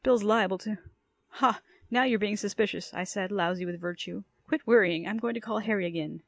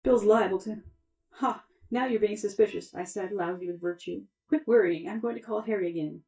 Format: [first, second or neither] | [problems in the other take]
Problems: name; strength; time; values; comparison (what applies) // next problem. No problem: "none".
first | noise reduction (neural mask model DeepFilterNet 3)